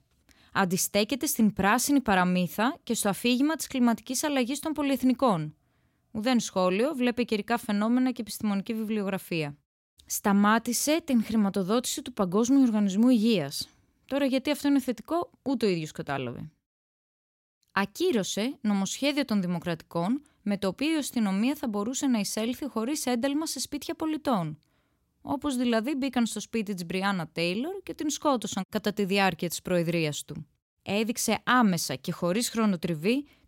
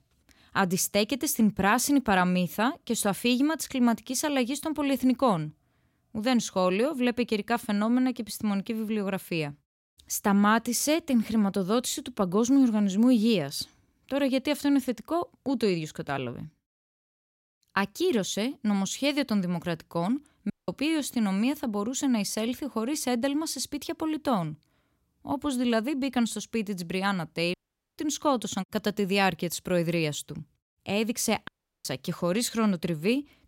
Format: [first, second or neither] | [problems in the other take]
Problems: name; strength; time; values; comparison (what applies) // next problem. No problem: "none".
first | audio cutting out; at 21 s, at 28 s and at 31 s